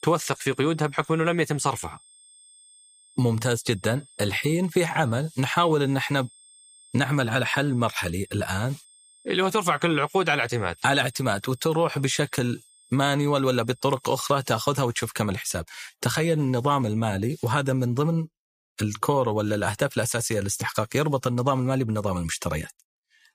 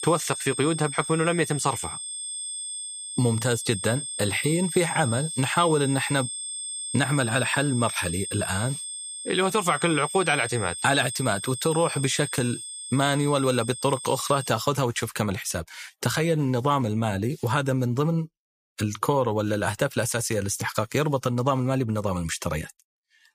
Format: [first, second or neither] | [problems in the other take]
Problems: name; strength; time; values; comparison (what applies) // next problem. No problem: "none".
first | high-pitched whine; loud; until 15 s; 8.5 kHz, 7 dB below the speech; faint in the first